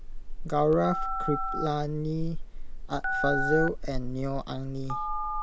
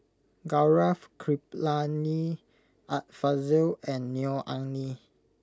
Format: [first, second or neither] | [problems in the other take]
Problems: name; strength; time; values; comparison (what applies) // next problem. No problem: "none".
second | background sound (Telephone); 1 dB below the speech